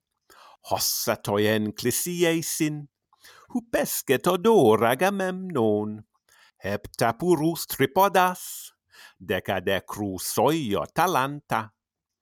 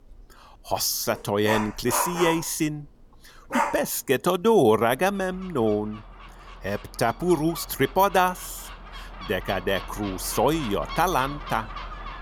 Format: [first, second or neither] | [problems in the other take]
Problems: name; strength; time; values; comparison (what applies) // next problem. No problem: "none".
first | animal sounds; loud; throughout; 10 dB below the speech